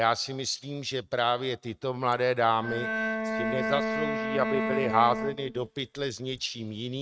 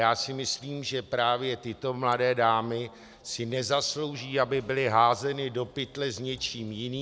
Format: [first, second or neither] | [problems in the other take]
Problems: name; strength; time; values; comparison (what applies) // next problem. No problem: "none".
second | noise reduction (neural mask model RNNoise)